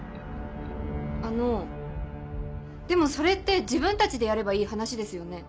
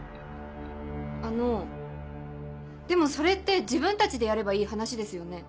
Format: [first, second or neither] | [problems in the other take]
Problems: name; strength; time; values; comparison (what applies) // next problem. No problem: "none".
second | background sound (Thunder); 11 dB below the speech